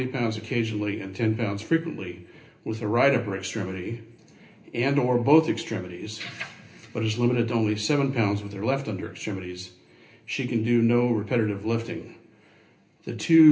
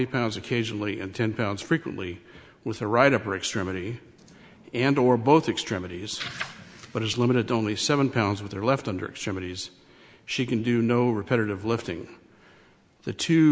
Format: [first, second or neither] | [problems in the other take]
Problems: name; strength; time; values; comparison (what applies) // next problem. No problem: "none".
second | room echo; dies away in 0.3 s